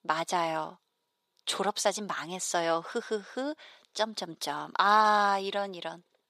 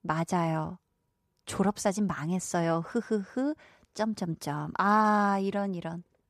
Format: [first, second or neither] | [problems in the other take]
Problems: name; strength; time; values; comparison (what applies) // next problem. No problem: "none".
second | thin; somewhat; fading below 450 Hz